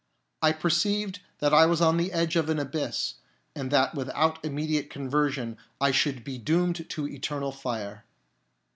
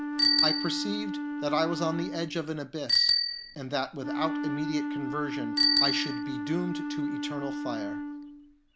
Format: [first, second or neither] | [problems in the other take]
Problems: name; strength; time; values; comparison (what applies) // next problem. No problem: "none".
first | background sound (Wind instrument, woodwind instrument + Bicycle bell); 4 dB above the speech